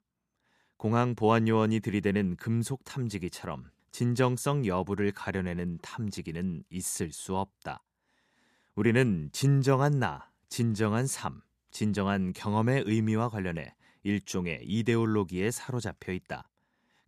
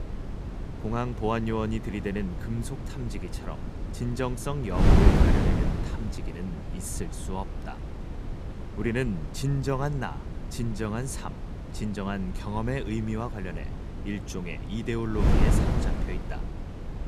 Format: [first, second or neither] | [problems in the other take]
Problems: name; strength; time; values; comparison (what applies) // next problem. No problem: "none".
first | wind noise on the microphone; heavy; 3 dB below the speech